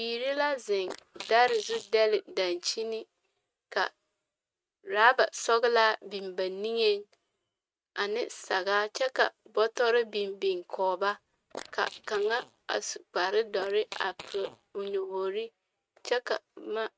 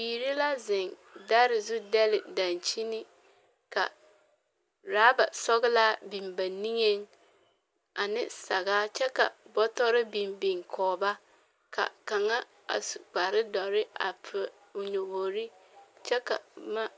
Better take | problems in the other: second | noise reduction (neural mask model RNNoise)

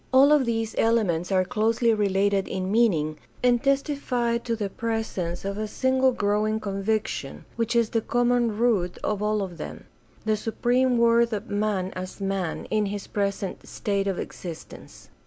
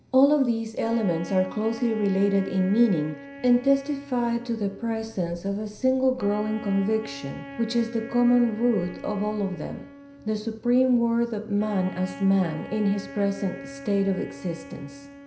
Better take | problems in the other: first | background sound (Wind instrument, woodwind instrument); 16 dB below the speech // room echo; dies away in 0.5 s

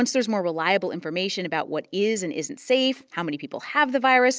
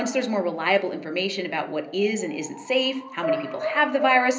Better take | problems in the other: first | background sound (Bark / Motor vehicle (road) / Siren); 9 dB below the speech // room echo; dies away in 0.5 s

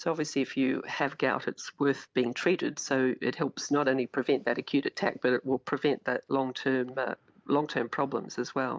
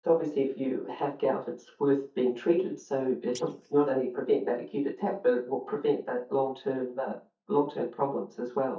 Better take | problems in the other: first | noise reduction (neural mask model DeepFilterNet 3)

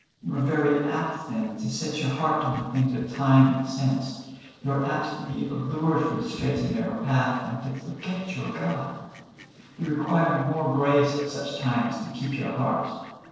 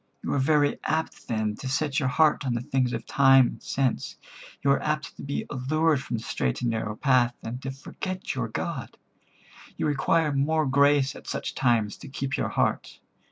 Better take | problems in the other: second | noise reduction (neural separator model SepFormer DNS4)

